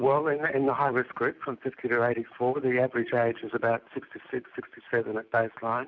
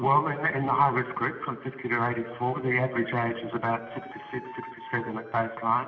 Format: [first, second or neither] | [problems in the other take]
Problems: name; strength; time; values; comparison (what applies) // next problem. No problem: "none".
first | background sound (Wind instrument, woodwind instrument); 19 dB below the speech // room echo; dies away in 2.1 s